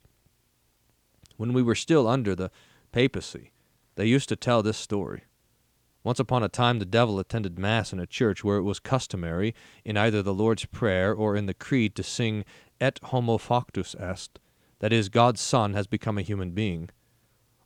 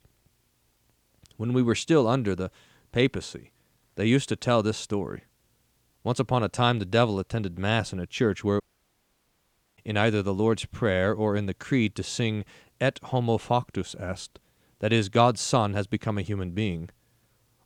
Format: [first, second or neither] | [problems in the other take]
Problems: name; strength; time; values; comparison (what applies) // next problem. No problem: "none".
first | audio cutting out; at 8.5 s for 1 s